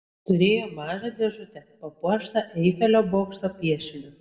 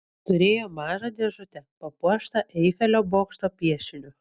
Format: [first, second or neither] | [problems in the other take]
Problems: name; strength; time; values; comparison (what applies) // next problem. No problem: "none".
second | room echo; dies away in 0.7 s